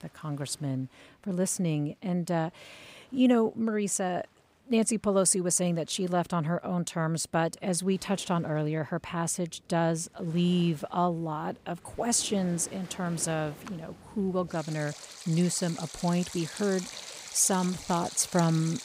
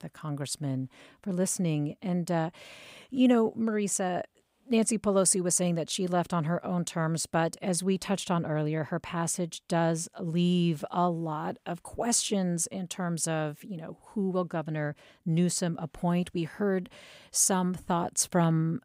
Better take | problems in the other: second | rain or running water; noticeable; throughout; 15 dB below the speech

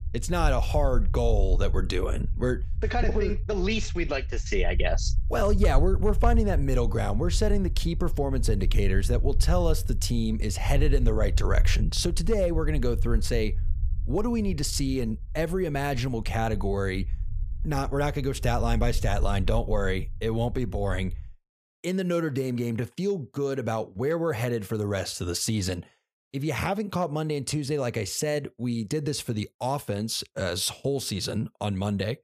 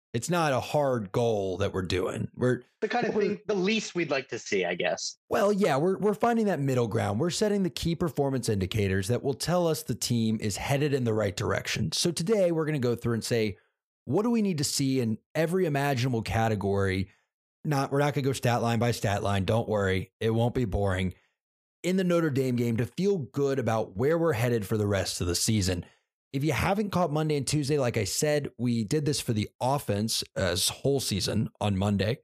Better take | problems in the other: second | low rumble; faint; until 21 s; 20 dB below the speech

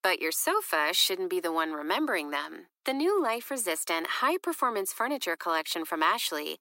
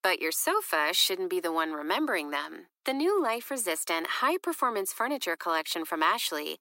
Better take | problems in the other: neither | thin; somewhat; fading below 350 Hz; the same in both

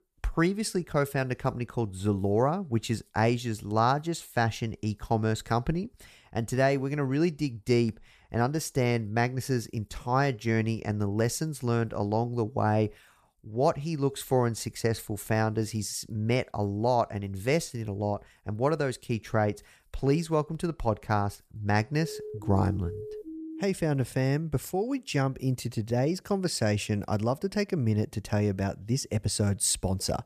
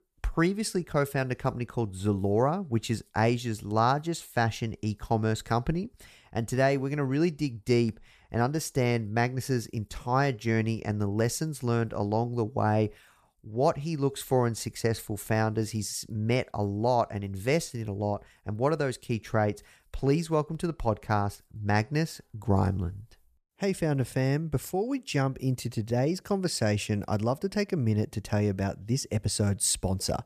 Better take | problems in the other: second | siren; faint; from 22 to 24 s; peak 10 dB below the speech

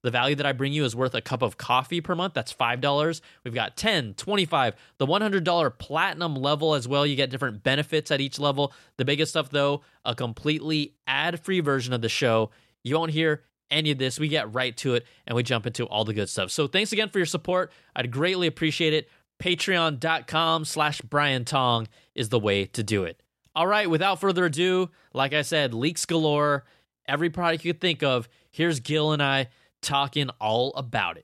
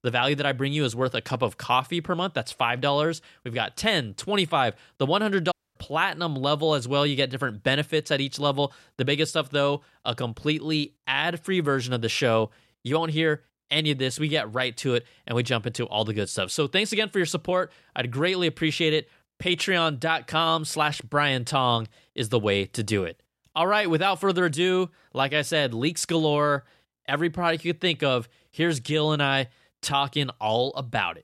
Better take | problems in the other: first | audio cutting out; at 5.5 s

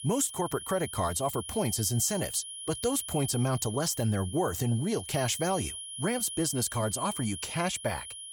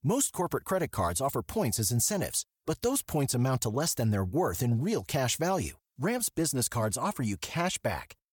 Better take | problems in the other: second | high-pitched whine; loud; throughout; 10.5 kHz, 8 dB below the speech

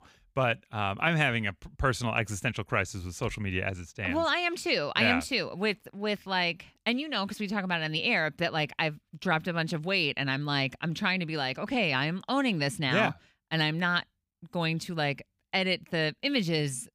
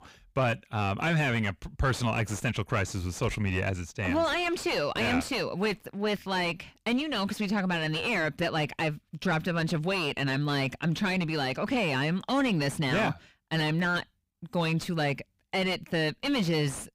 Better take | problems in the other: first | distortion; heavy; 6 dB below the speech

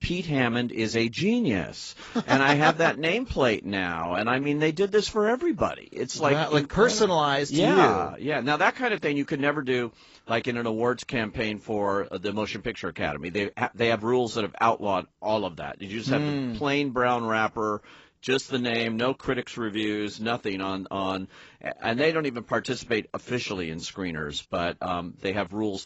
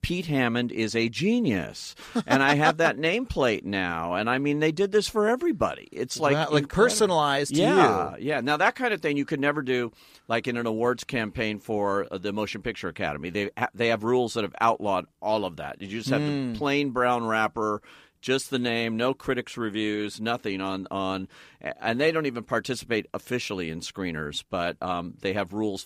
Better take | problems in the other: second | garbled, watery; badly; nothing above 7.5 kHz

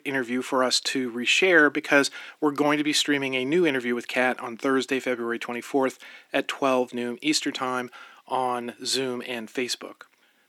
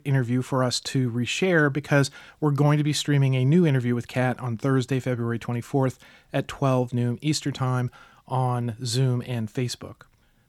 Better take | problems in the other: second | thin; somewhat; fading below 300 Hz

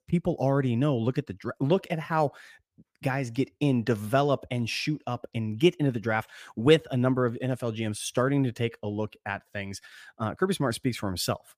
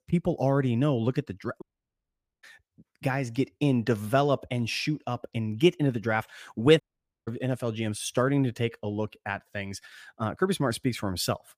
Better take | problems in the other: first | audio cutting out; at 1.5 s for 1 s and at 7 s

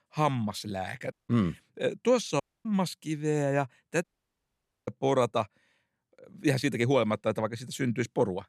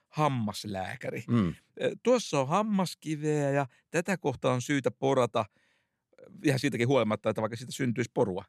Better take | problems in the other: second | audio cutting out; at 1 s, at 2.5 s and at 4 s for 1 s

